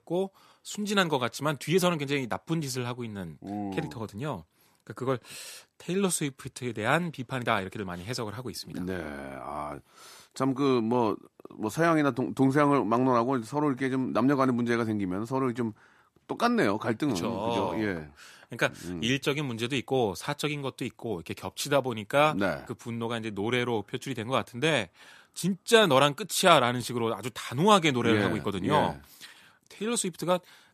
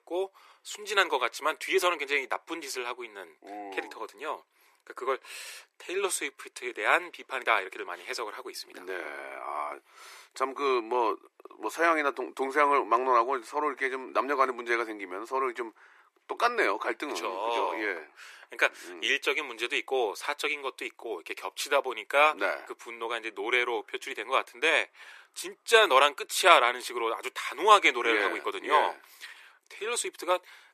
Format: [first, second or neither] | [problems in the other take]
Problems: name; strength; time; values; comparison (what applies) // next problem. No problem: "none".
first | thin; very; fading below 350 Hz